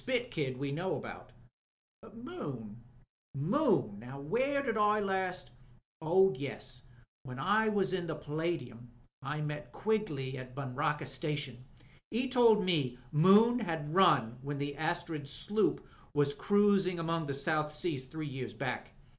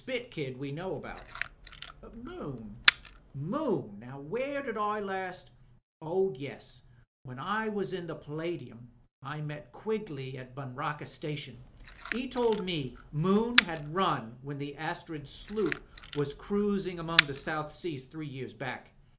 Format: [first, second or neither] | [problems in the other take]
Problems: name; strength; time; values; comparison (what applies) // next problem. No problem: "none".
first | background sound (Camera); as loud as the speech